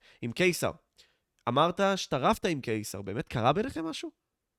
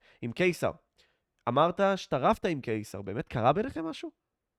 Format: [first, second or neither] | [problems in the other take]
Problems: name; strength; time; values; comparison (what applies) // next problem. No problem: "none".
first | muffled; slightly; fading above 3.5 kHz